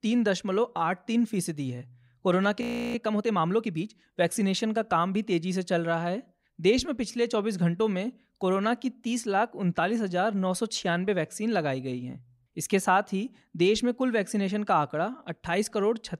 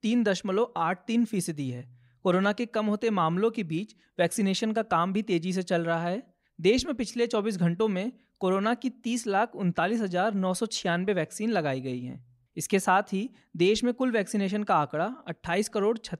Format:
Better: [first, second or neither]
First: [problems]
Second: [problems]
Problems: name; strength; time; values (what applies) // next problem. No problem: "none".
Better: second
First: audio freezing; at 2.5 s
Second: none